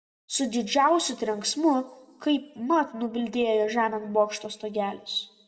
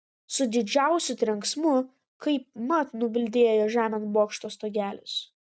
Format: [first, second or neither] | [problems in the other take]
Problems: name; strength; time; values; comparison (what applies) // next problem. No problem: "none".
second | room echo; dies away in 0.9 s